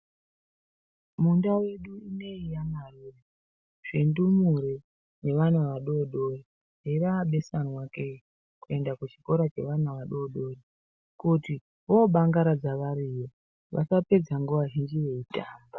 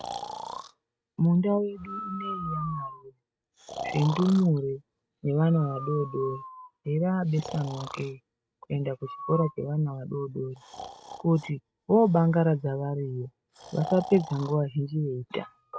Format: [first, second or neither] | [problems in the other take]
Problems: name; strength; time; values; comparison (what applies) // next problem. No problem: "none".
first | noise reduction (neural mask model RNNoise)